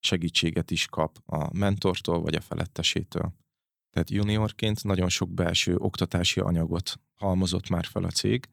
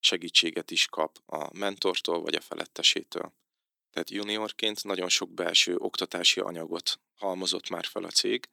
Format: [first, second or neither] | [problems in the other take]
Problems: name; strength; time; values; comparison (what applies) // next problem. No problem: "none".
first | thin; somewhat; fading below 300 Hz